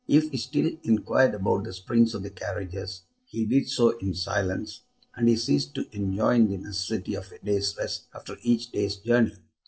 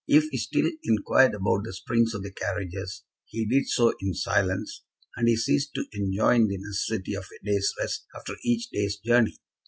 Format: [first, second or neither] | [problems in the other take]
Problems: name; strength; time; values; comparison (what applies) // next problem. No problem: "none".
second | noise reduction (neural separator model SepFormer DNS4)